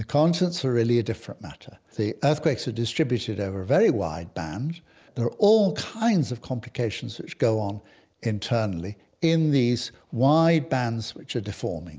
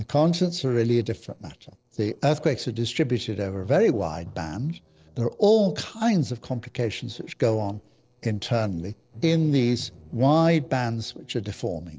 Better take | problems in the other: first | noise reduction (neural separator model SepFormer DNS4)

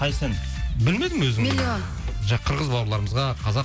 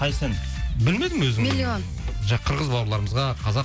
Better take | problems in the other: second | background sound (Thump, thud); 15 dB below the speech

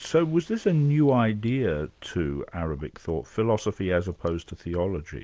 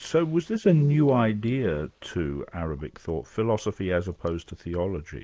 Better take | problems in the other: first | noise reduction (neural mask model Resemble Enhance denoiser)

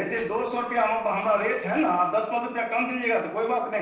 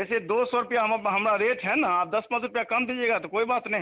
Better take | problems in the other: second | noise reduction (neural separator model SepFormer DNS4)

